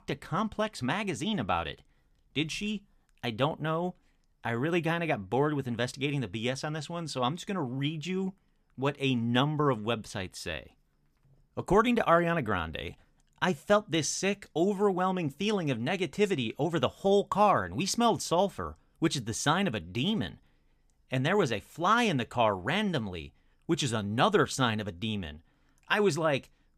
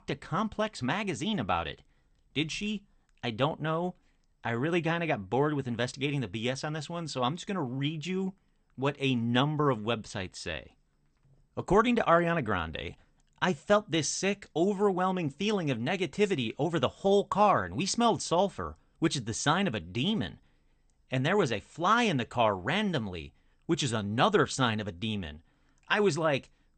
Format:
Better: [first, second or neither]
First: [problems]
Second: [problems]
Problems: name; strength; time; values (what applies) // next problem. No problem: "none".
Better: first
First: none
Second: garbled, watery; slightly; nothing above 8.5 kHz